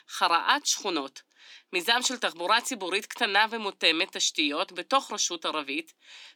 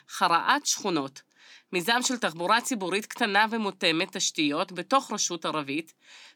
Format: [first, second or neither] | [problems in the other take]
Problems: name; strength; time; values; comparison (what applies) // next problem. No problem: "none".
second | thin; very slightly; fading below 300 Hz